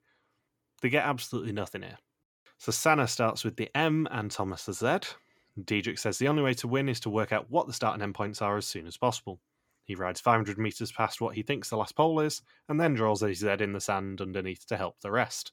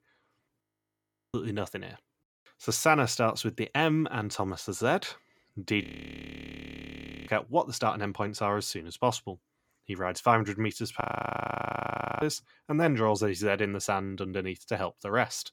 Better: first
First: none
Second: audio freezing; at 0.5 s for 0.5 s, at 6 s for 1.5 s and at 11 s for 1 s

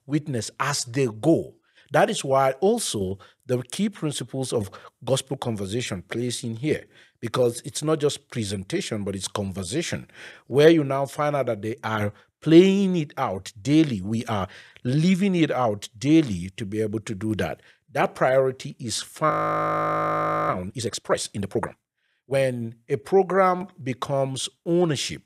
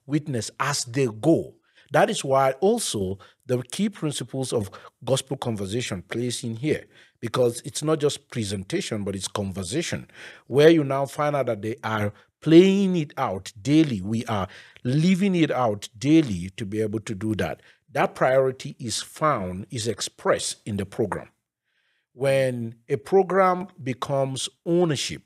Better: second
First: audio freezing; at 19 s for 1 s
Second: none

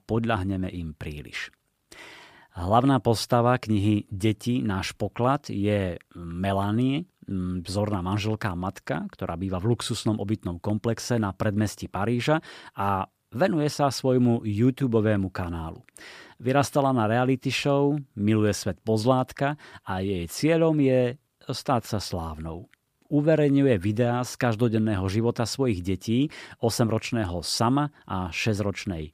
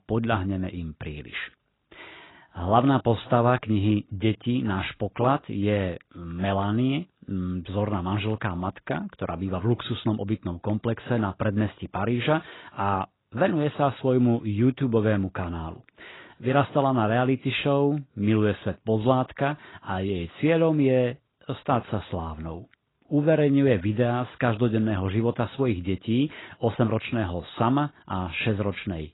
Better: first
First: none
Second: garbled, watery; badly; nothing above 4 kHz

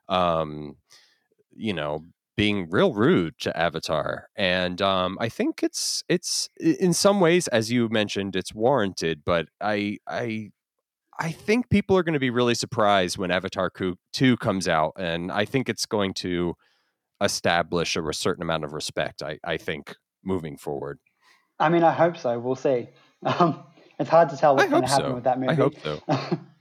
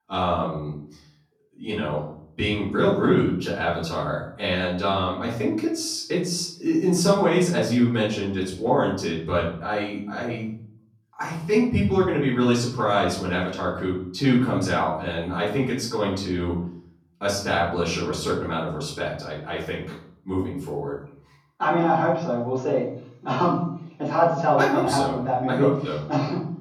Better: first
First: none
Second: off-mic speech; far // room echo; noticeable; dies away in 0.6 s

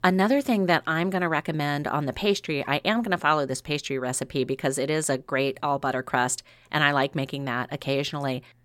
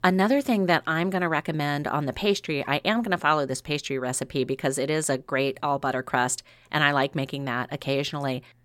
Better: neither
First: none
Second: none

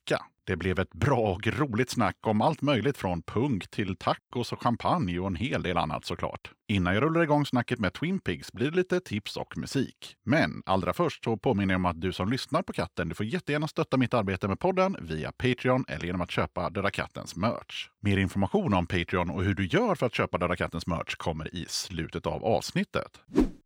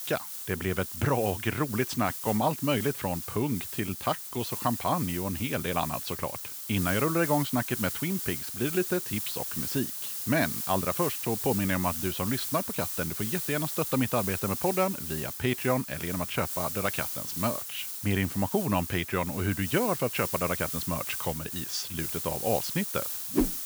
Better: first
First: none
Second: hiss; loud; throughout; 3 dB below the speech

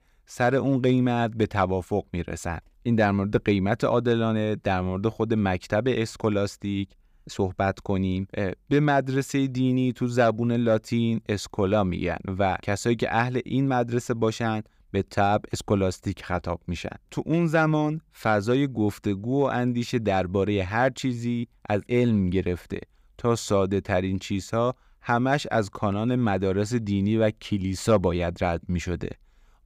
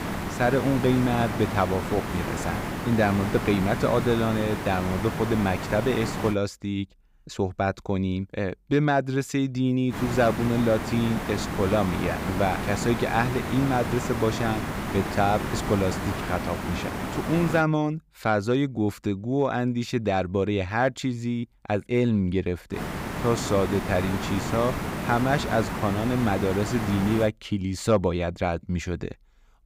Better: first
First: none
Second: hiss; loud; until 6.5 s, from 10 to 18 s and from 23 to 27 s; 5 dB below the speech

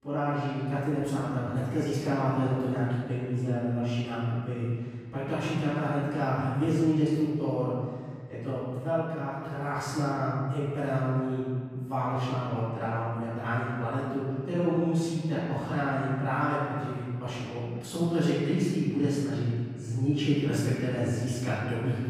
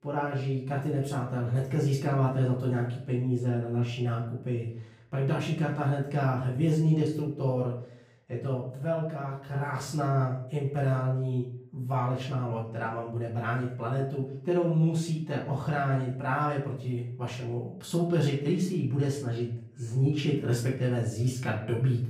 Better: second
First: room echo; strong; dies away in 1.8 s // off-mic speech; far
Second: room echo; slight; dies away in 0.5 s // off-mic speech; far

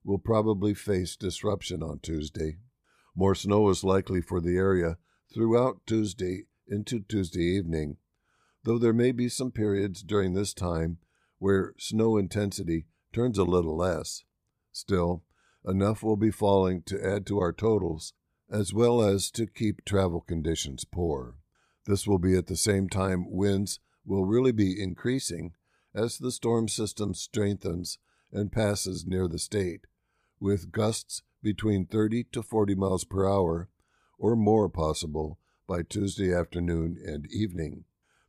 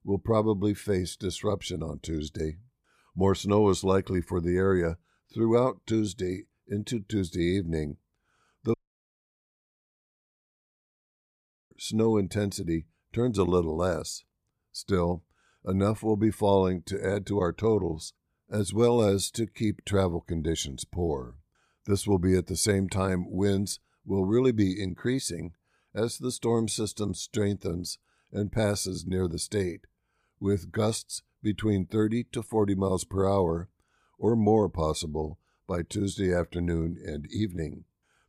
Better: first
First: none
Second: audio cutting out; at 8.5 s for 3 s

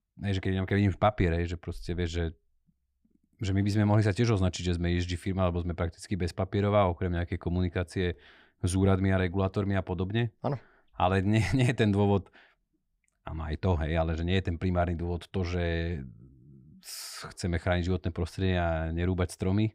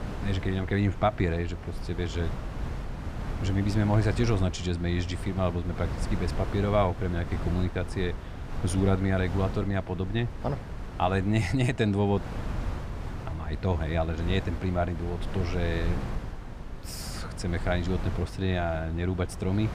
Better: first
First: none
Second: wind noise on the microphone; occasional gusts; 10 dB below the speech

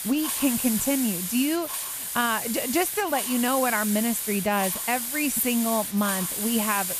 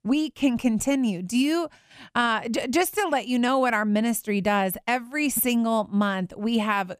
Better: second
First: hiss; loud; throughout; 2 dB below the speech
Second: none

